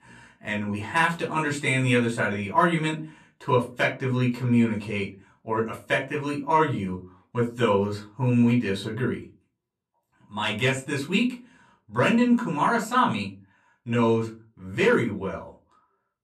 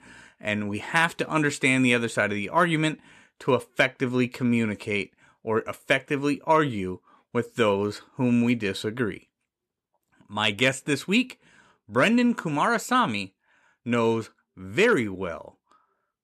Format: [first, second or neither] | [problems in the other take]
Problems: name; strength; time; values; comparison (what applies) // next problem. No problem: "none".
second | off-mic speech; far // room echo; very slight; dies away in 0.3 s